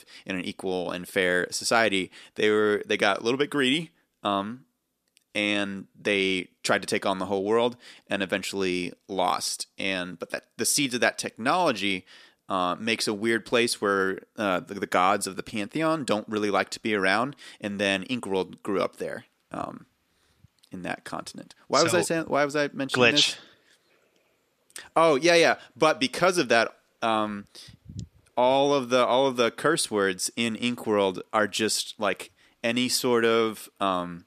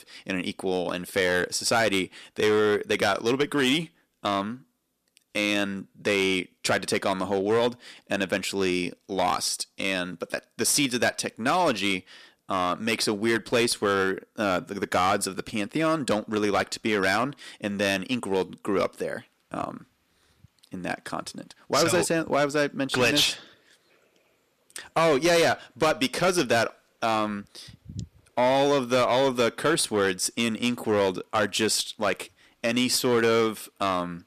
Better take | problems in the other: first | distortion; slight; 5% of the sound clipped

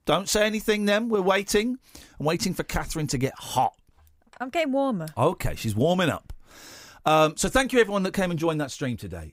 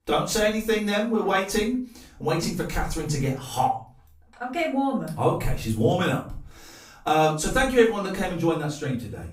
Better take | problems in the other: first | room echo; slight; dies away in 0.4 s // off-mic speech; far

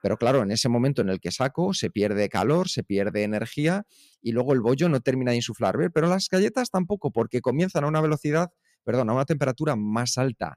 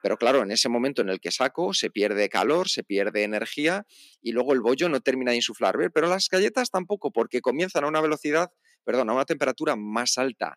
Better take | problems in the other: first | thin; very slightly; fading below 250 Hz

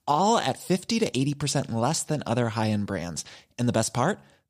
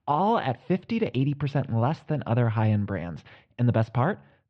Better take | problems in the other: first | muffled; very; fading above 3 kHz

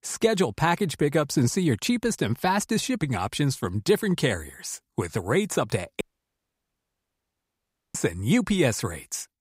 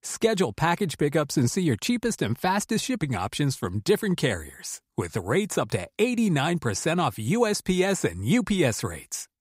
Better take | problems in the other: second | audio cutting out; at 6 s for 2 s

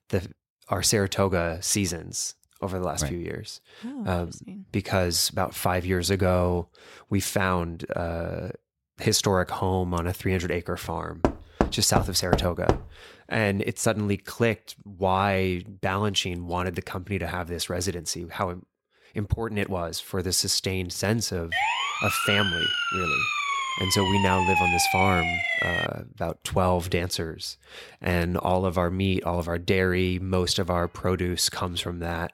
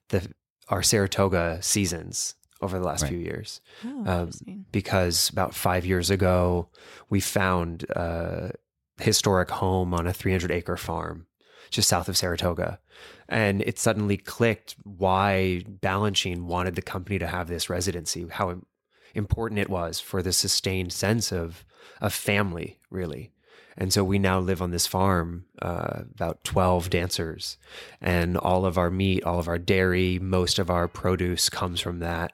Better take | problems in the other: second | door banging; loud; from 11 to 13 s; peak 1 dB above the speech // siren; loud; from 22 to 26 s; peak 5 dB above the speech

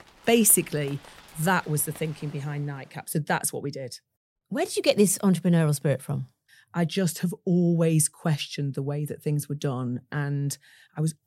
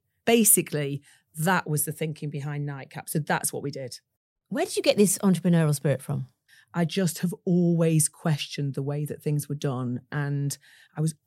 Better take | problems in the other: second | rain or running water; faint; until 3 s; 25 dB below the speech

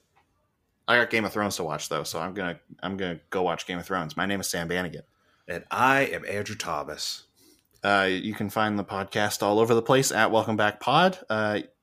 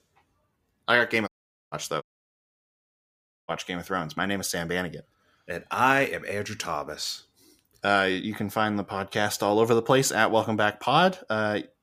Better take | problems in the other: first | audio cutting out; at 1.5 s and at 2 s for 1.5 s

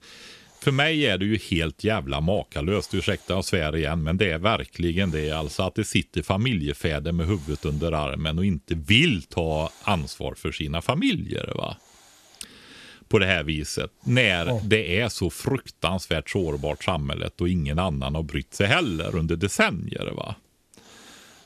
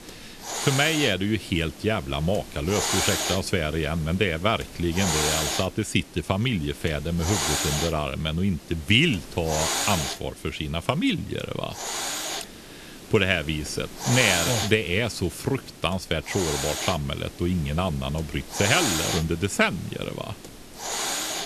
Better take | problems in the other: first | hiss; loud; throughout; 1 dB below the speech; faint in the first

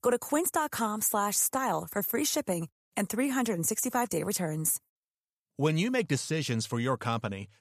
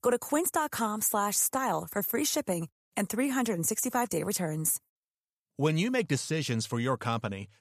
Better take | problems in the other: neither | none

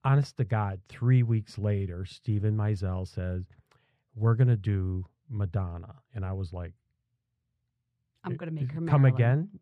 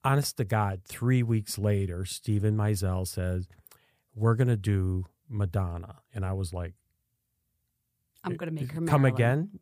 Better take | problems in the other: second | muffled; slightly; fading above 3.5 kHz

